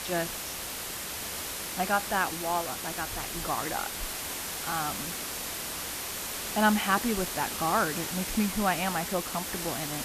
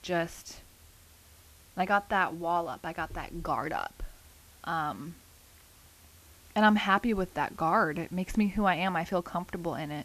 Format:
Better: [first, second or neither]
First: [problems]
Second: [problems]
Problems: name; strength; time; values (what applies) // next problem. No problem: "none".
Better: second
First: hiss; loud; throughout; 3 dB below the speech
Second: hiss; faint; throughout; 25 dB below the speech